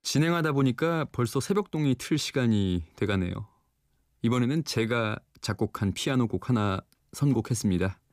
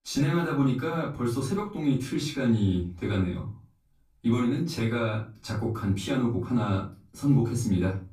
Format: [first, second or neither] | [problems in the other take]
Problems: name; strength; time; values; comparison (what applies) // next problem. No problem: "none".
first | room echo; slight; dies away in 0.3 s // off-mic speech; far